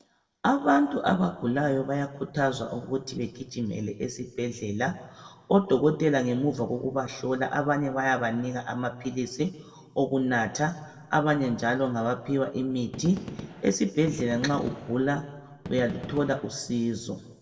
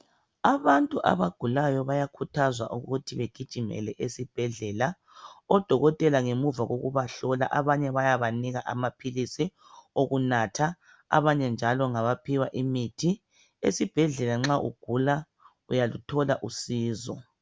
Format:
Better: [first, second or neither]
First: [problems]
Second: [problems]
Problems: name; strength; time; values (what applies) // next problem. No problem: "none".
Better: second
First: background sound (Gunshot, gunfire); 13 dB below the speech // room echo; dies away in 1.1 s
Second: none